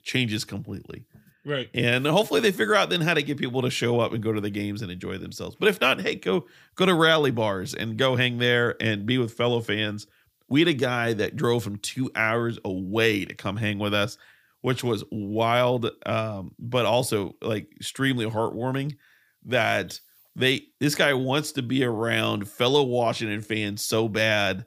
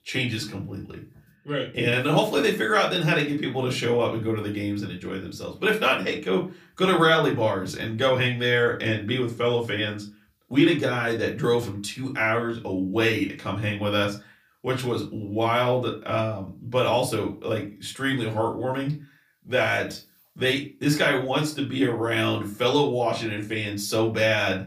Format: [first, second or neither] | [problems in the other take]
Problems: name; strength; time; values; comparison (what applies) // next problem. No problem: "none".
first | off-mic speech; far // room echo; very slight; dies away in 0.3 s